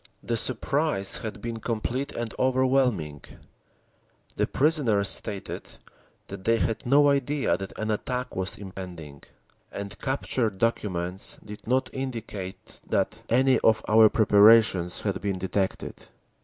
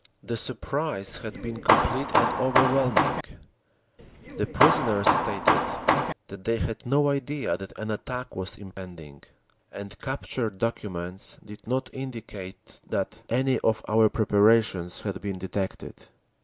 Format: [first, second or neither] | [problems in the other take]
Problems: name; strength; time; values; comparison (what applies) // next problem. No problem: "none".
first | background sound (Hammer); 4 dB above the speech